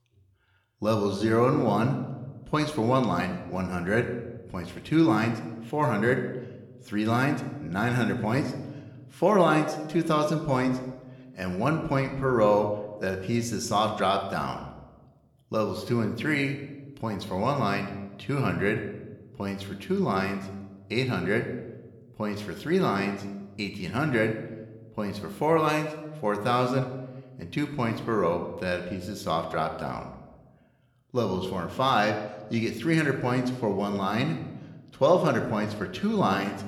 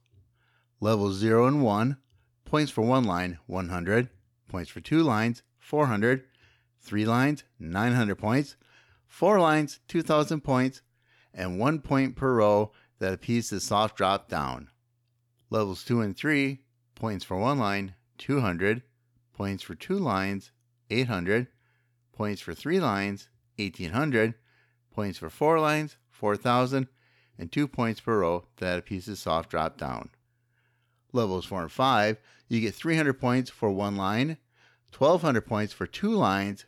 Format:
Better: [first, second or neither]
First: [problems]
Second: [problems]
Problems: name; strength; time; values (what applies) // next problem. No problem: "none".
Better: second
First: room echo; slight; dies away in 0.9 s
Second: none